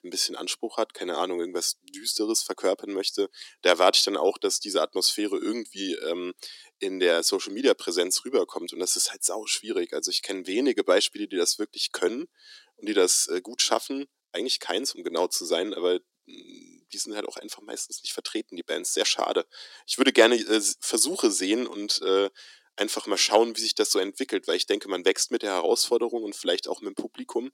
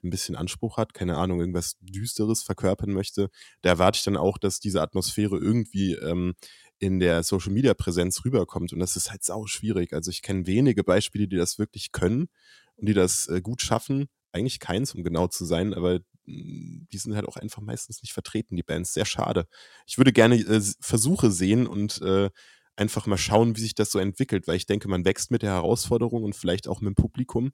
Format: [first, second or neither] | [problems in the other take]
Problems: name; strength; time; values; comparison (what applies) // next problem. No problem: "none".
second | thin; somewhat; fading below 300 Hz